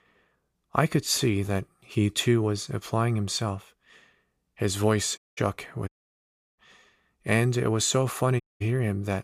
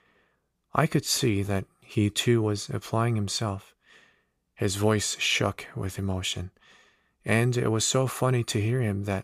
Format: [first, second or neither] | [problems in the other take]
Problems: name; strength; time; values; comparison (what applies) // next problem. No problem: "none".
second | audio cutting out; at 5 s, at 6 s for 0.5 s and at 8.5 s